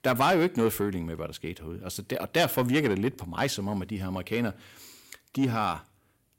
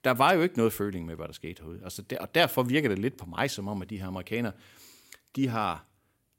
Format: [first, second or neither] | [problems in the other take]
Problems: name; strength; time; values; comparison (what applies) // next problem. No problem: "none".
second | distortion; slight; 10 dB below the speech